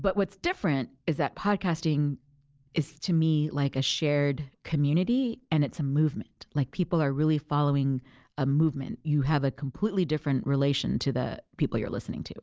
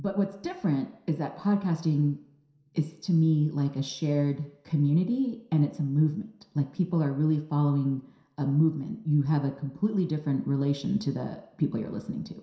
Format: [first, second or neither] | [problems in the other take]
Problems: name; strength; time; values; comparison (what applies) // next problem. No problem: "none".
first | room echo; dies away in 0.7 s